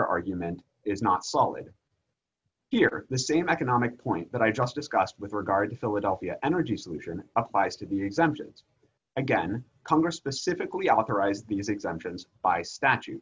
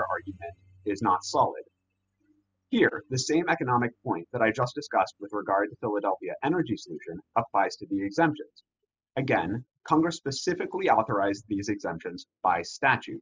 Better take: first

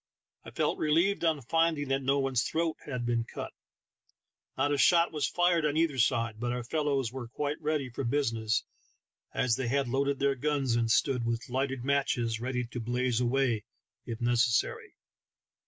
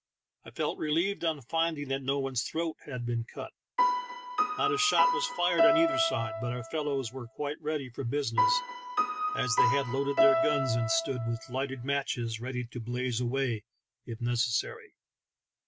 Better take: first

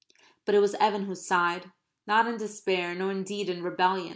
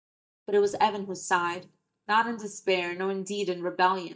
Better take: first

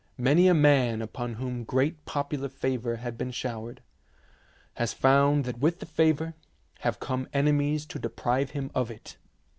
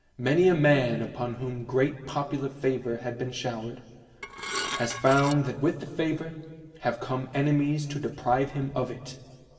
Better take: first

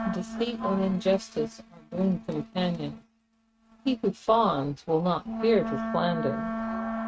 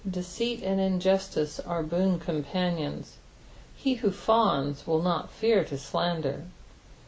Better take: second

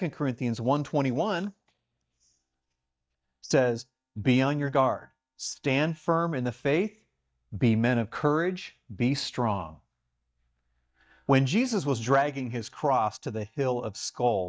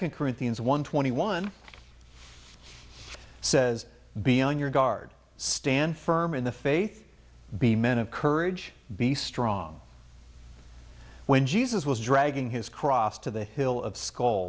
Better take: second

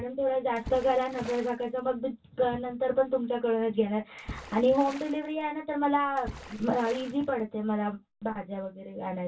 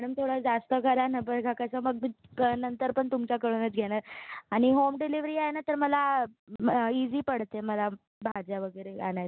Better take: second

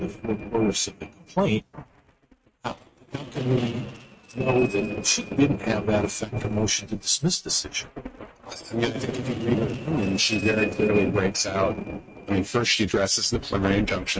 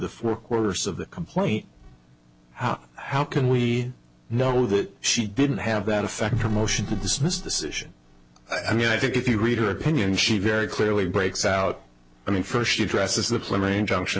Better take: second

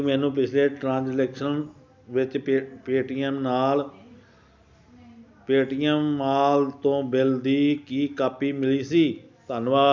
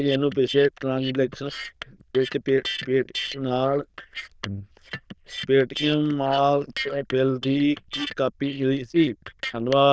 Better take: first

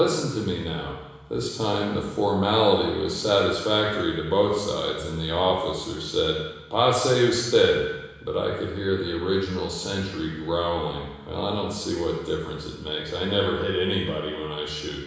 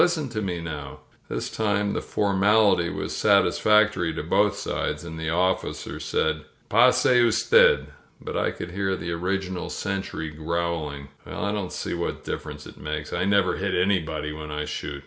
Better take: second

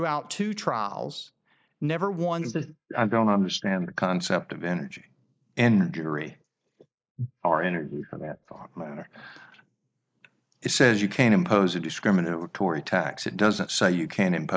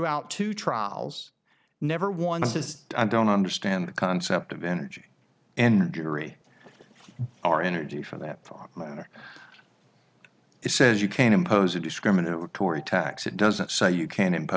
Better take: second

